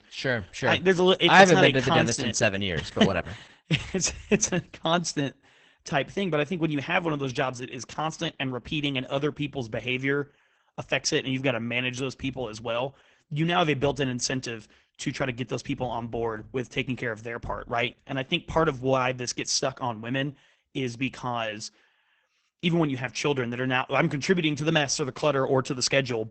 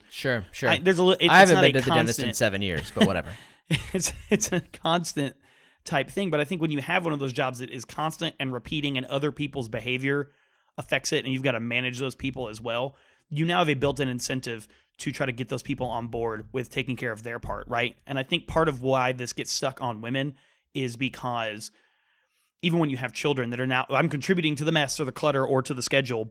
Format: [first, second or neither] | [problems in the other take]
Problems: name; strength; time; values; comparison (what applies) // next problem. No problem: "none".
second | garbled, watery; badly; nothing above 8 kHz; slightly in the second